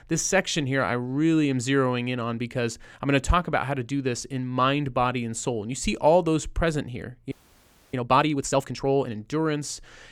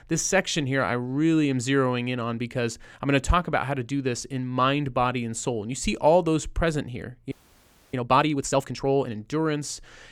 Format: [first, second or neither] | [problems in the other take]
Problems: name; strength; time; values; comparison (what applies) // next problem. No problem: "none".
neither | audio freezing; at 7.5 s for 0.5 s; the same in both